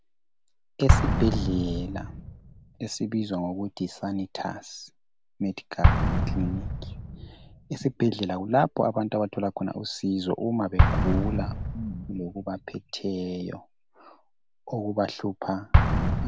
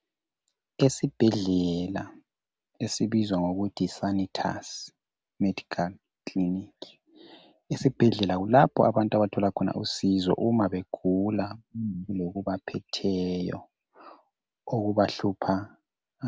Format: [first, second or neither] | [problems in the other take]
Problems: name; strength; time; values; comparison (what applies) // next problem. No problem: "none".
second | background sound (Explosion); 2 dB above the speech